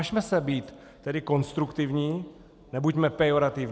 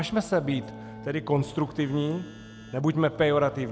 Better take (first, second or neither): first